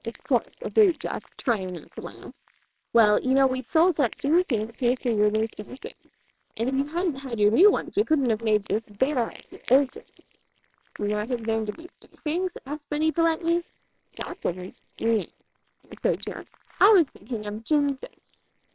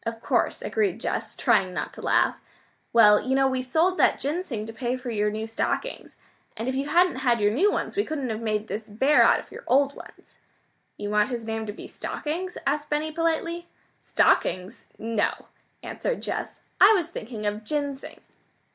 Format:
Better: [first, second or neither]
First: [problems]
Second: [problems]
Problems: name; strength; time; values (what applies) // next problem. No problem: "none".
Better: second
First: noise reduction (neural separator model SepFormer WHAMR!)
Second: none